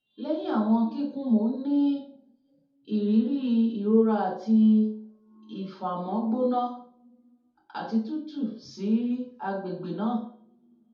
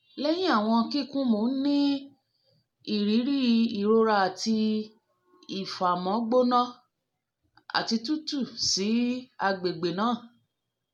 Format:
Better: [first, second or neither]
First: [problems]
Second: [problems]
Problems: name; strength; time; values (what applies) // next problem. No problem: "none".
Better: second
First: room echo; dies away in 0.6 s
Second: none